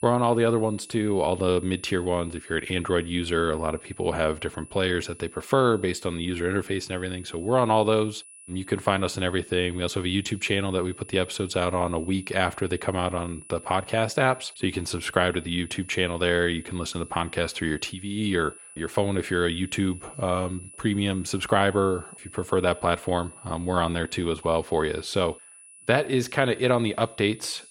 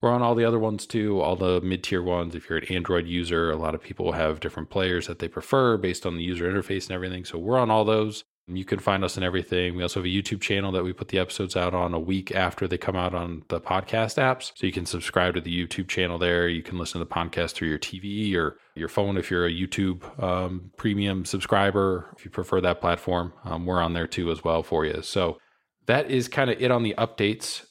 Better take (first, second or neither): second